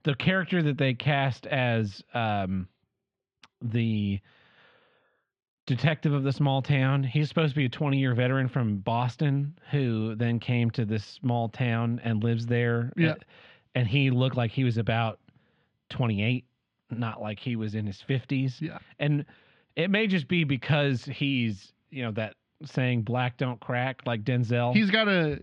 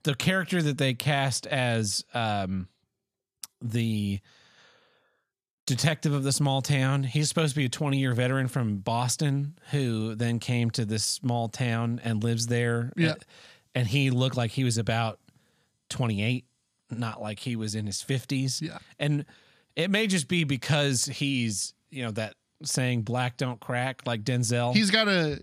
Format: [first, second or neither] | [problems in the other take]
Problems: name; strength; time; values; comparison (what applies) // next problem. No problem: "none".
second | muffled; very; fading above 3 kHz